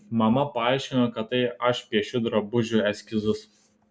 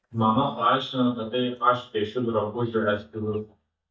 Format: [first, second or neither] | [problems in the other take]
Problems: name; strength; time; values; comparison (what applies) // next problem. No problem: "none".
first | noise reduction (neural mask model DeepFilterNet 3)